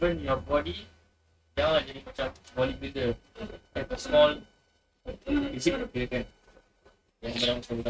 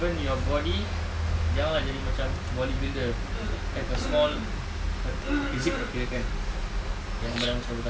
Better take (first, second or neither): second